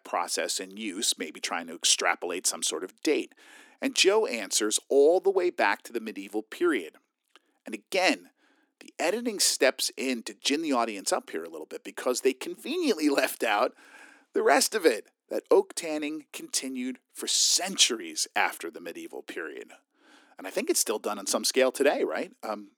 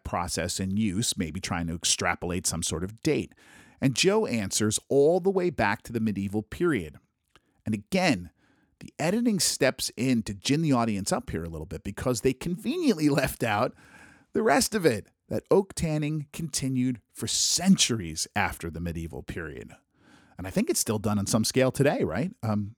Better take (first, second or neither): second